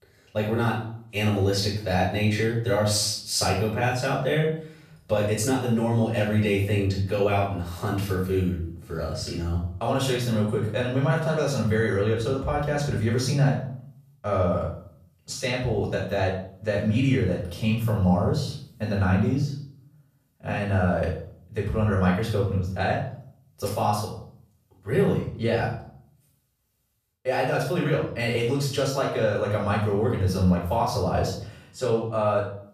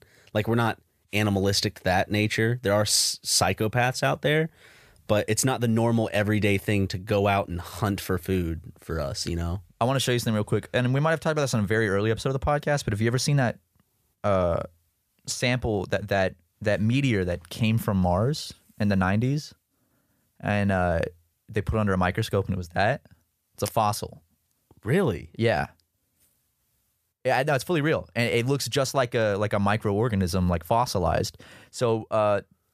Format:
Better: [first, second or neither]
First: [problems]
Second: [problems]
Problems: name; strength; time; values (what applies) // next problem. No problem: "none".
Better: second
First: off-mic speech; far // room echo; noticeable; dies away in 0.5 s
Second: none